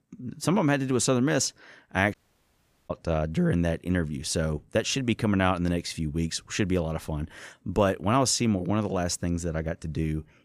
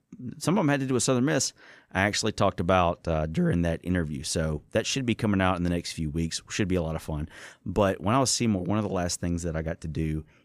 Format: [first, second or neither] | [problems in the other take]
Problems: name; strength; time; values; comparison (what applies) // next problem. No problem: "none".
second | audio cutting out; at 2 s for 1 s